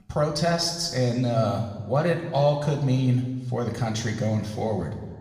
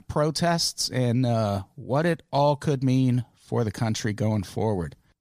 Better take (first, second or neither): second